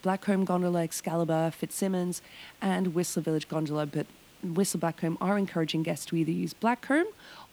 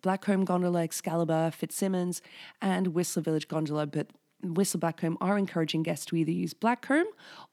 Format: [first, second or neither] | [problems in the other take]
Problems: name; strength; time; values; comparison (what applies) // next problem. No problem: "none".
second | hiss; faint; throughout; 25 dB below the speech